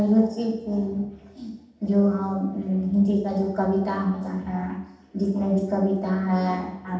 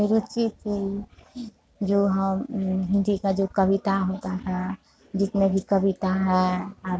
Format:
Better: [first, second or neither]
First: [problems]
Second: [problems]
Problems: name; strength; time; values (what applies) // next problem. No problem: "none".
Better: second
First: room echo; dies away in 0.8 s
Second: none